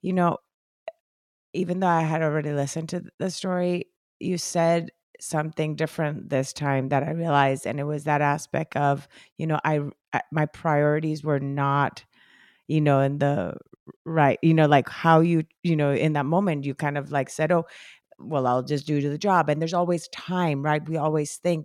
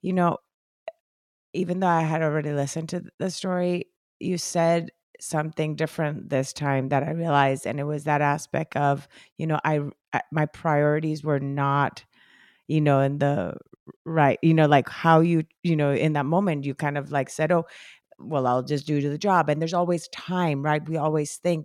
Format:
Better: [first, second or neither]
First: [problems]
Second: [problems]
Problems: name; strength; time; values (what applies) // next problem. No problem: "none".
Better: neither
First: none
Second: none